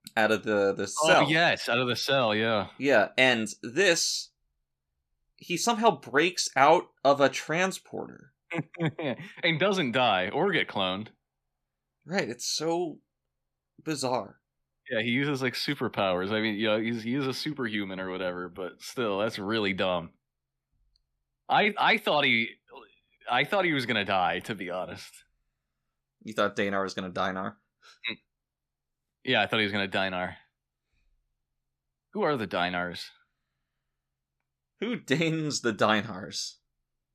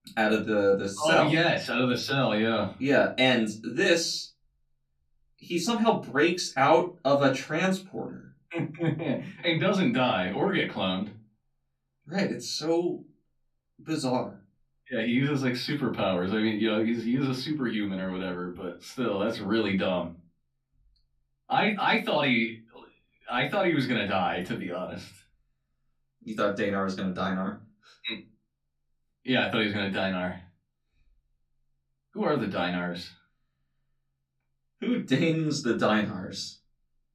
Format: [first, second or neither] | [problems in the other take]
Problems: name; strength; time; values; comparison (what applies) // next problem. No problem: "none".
first | off-mic speech; far // room echo; very slight; dies away in 0.3 s